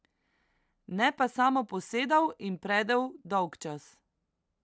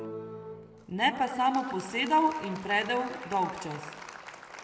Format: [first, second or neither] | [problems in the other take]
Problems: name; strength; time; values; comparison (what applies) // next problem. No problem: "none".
first | background sound (Applause); 14 dB below the speech // room echo; dies away in 1.3 s